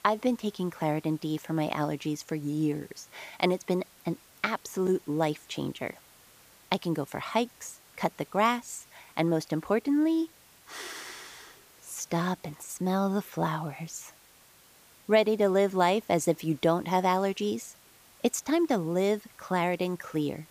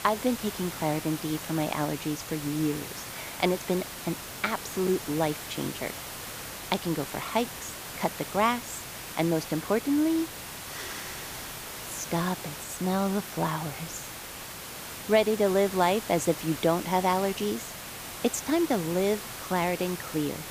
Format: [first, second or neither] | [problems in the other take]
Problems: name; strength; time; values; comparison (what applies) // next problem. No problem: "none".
first | hiss; loud; throughout; 8 dB below the speech; faint in the first